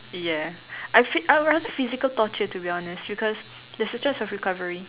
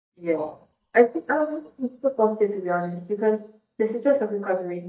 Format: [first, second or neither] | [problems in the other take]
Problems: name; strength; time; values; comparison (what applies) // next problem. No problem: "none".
first | noise reduction (neural mask model DeepFilterNet 3)